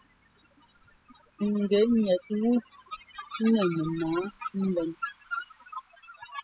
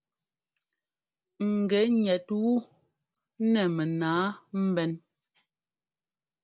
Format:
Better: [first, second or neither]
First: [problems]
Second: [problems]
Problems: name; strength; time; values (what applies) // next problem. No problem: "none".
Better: second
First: noise reduction (classical method spectral subtraction)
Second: none